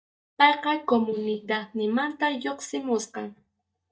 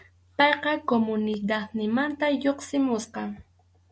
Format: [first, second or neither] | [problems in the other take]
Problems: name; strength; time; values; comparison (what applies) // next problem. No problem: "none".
second | noise reduction (neural mask model DeepFilterNet 3)